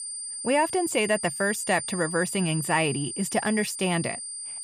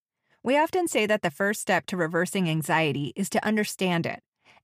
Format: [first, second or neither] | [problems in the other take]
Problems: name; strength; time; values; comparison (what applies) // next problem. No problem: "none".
second | high-pitched whine; loud; throughout; 9 kHz, 6 dB below the speech